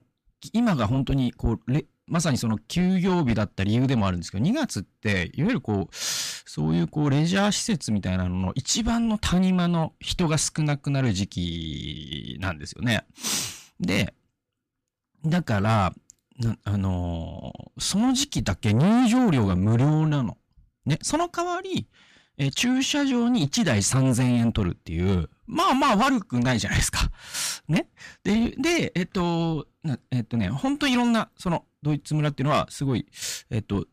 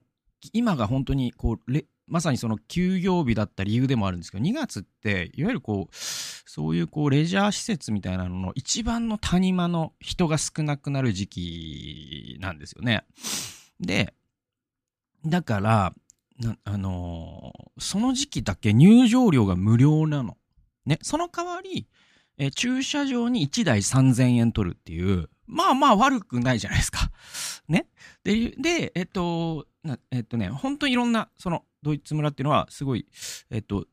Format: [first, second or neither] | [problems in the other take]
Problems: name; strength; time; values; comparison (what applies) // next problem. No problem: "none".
second | distortion; heavy; 8 dB below the speech